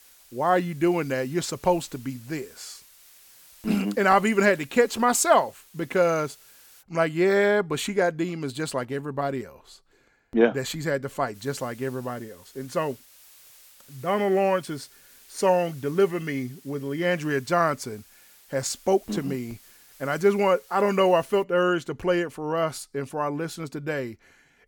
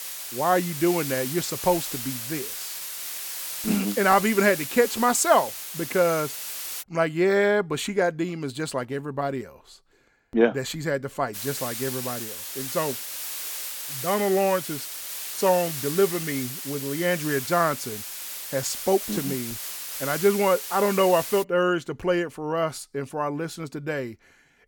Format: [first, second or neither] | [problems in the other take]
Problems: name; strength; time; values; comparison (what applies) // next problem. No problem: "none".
first | hiss; loud; until 7 s and from 11 to 21 s; 6 dB below the speech; faint in the first